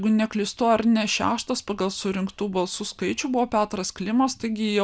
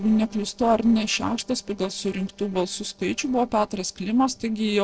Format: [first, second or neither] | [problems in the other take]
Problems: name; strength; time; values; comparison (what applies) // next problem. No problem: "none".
first | noise reduction (neural separator model SepFormer DNS4)